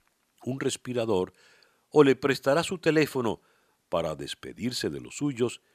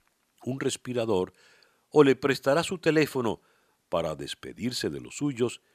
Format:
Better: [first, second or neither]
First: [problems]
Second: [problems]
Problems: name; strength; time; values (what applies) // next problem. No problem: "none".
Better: neither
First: none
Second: none